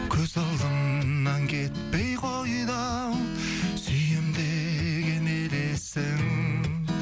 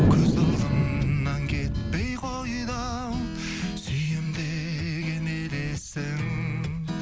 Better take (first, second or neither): first